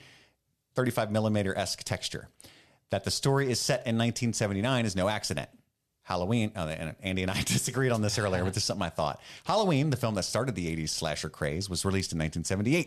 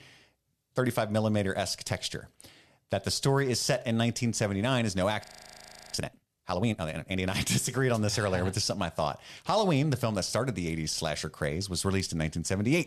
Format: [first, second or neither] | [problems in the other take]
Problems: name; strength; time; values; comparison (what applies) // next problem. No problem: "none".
first | audio freezing; at 5 s for 0.5 s